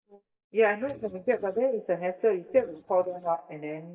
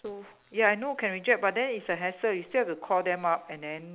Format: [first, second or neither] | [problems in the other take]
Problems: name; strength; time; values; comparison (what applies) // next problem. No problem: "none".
second | noise reduction (neural mask model DeepFilterNet 3)